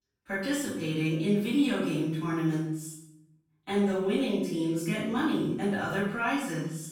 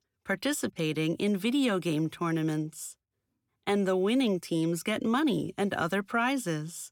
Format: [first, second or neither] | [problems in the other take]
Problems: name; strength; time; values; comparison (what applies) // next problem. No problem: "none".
second | room echo; noticeable; dies away in 0.7 s // off-mic speech; far